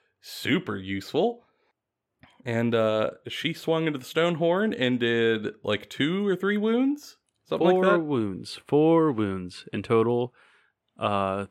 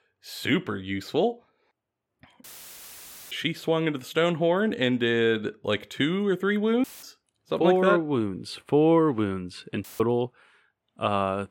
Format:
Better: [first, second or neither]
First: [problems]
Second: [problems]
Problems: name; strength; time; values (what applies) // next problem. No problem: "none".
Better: first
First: none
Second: audio cutting out; filled with static; at 2.5 s for 1 s, at 7 s and at 10 s